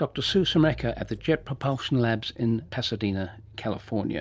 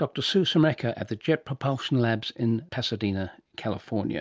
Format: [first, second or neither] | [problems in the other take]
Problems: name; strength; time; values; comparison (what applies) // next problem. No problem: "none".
second | background sound (Engine / Car); 19 dB below the speech